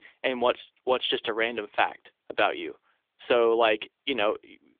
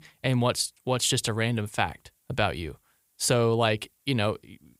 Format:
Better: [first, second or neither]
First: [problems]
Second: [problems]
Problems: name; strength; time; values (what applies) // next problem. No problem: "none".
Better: second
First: phone-call audio; nothing above 3.5 kHz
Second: none